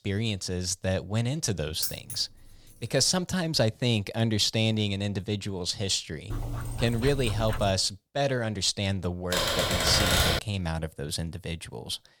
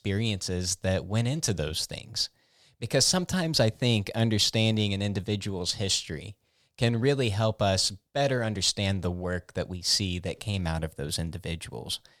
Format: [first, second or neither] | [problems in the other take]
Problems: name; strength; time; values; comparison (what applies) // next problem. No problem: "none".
second | jangling keys; noticeable; at 2 s; peak 4 dB below the speech // dog barking; noticeable; from 6.5 to 7.5 s; peak 6 dB below the speech // keyboard typing; loud; from 9.5 to 10 s; peak 6 dB above the speech